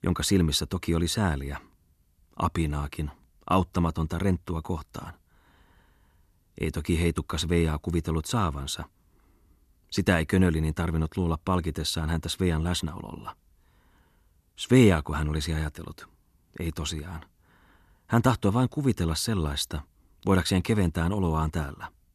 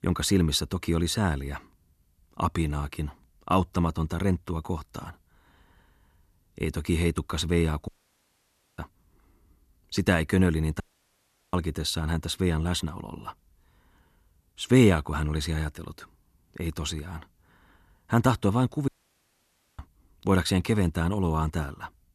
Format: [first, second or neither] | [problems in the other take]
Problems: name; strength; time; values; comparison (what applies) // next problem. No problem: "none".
first | audio cutting out; at 8 s for 1 s, at 11 s for 0.5 s and at 19 s for 1 s